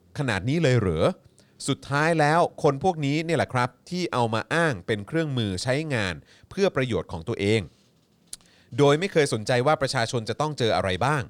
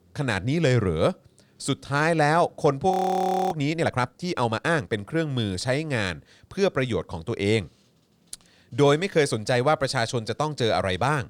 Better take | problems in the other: first | audio freezing; at 3 s for 0.5 s

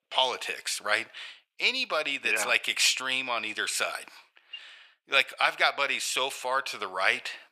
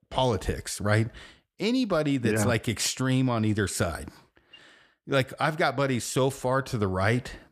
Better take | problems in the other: second | thin; very; fading below 850 Hz

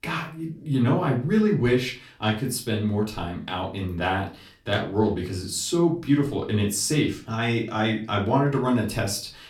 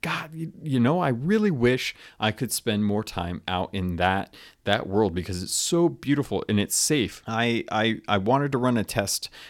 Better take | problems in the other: second | off-mic speech; far // room echo; very slight; dies away in 0.3 s

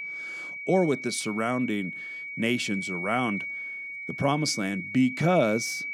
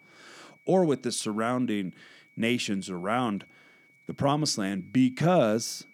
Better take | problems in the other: second | high-pitched whine; loud; throughout; 2 kHz, 7 dB below the speech; faint in the second

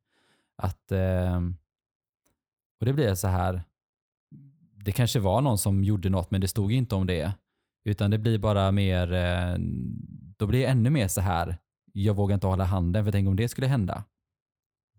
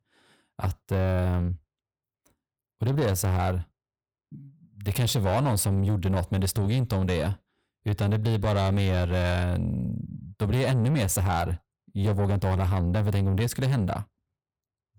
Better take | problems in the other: first | distortion; slight; 10 dB below the speech

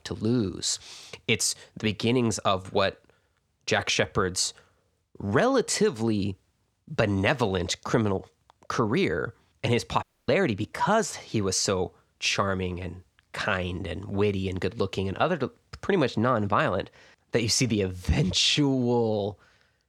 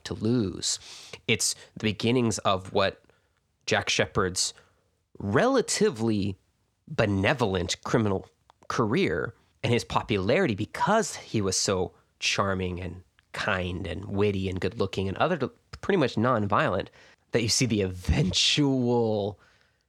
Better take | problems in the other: second | audio cutting out; at 10 s

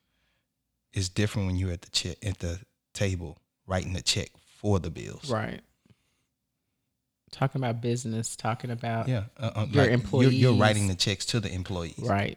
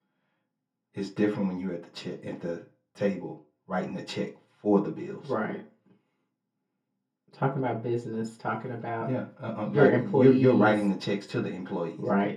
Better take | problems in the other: first | room echo; slight; dies away in 0.3 s // off-mic speech; far

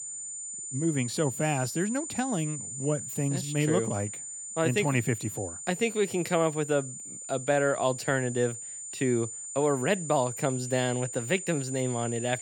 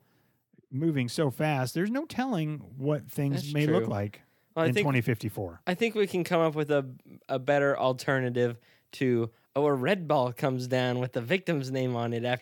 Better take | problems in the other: second | high-pitched whine; loud; throughout; 7 kHz, 7 dB below the speech

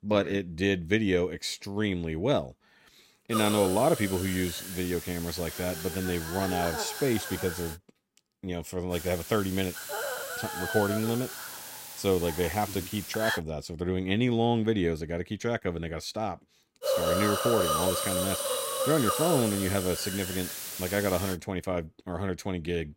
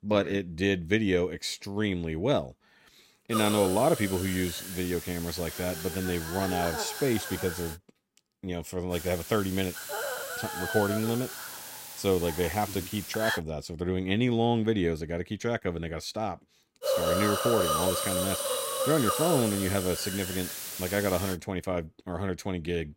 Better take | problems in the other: neither | hiss; loud; from 3.5 to 7.5 s, from 9 to 13 s and from 17 to 21 s; 3 dB below the speech; the same in both

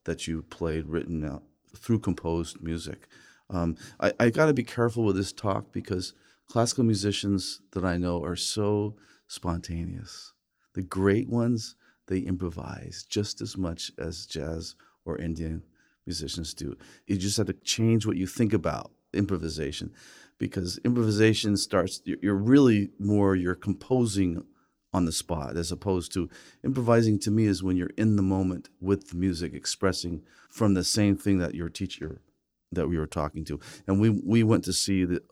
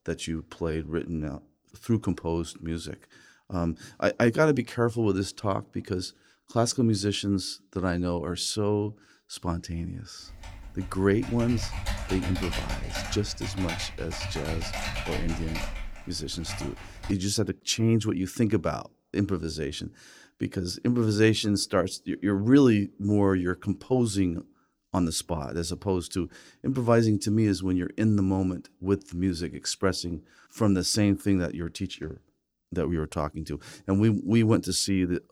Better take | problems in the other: first | keyboard typing; noticeable; from 10 to 17 s; peak 5 dB below the speech

